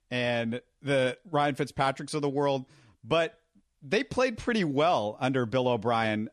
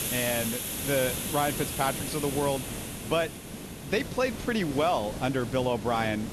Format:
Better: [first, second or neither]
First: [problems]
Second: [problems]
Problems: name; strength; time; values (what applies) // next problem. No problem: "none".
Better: first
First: none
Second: hiss; loud; throughout; 5 dB below the speech